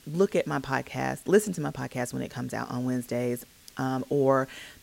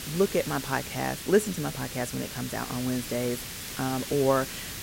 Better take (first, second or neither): first